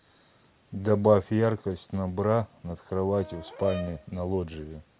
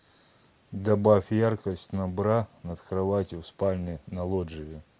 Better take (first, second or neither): second